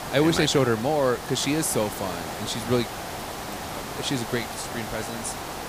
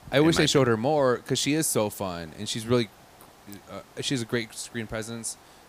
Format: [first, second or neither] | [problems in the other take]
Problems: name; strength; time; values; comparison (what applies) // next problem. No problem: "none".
second | hiss; loud; throughout; 7 dB below the speech; faint in the second